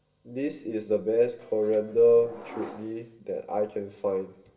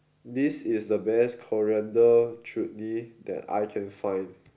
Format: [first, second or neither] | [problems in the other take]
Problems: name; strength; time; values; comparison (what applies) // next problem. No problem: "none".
second | background sound (Subway, metro, underground); 19 dB below the speech // room echo; dies away in 1.6 s